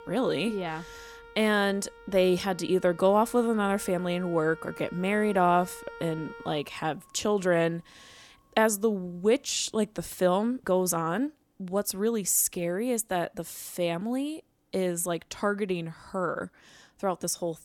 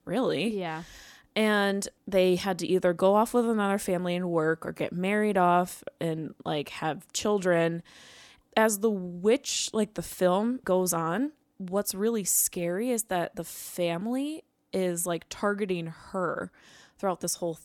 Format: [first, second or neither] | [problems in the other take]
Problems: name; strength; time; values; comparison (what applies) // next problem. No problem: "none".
second | background music; noticeable; throughout; 20 dB below the speech